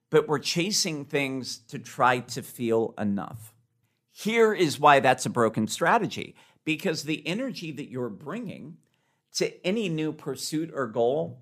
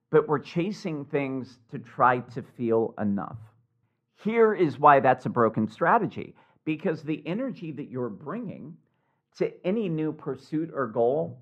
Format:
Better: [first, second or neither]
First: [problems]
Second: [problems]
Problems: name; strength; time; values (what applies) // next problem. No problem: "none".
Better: first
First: none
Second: muffled; very; fading above 3.5 kHz